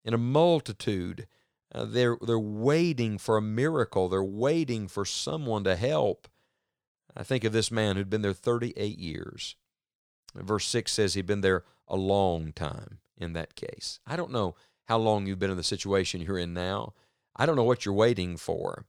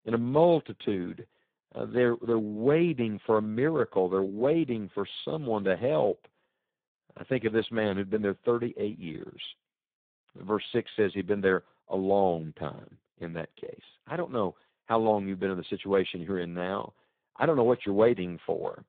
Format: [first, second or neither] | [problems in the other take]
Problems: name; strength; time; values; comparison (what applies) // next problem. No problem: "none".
first | phone-call audio; poor line; nothing above 3.5 kHz